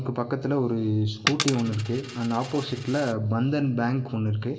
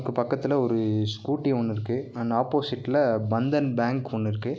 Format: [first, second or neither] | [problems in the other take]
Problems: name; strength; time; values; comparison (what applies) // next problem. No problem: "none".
second | background sound (Coin (dropping)); 11 dB below the speech // room echo; dies away in 1.3 s